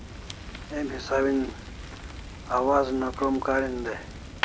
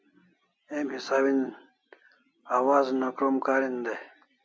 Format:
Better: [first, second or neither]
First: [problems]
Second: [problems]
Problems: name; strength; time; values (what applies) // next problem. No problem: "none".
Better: second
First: background sound (Fire); 9 dB below the speech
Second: none